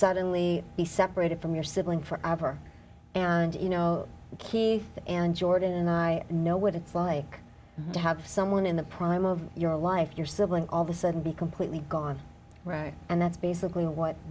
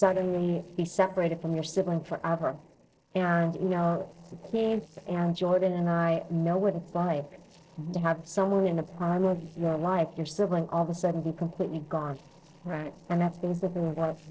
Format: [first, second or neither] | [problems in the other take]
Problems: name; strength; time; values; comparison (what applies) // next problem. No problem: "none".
first | noise reduction (neural separator model SepFormer DNS4)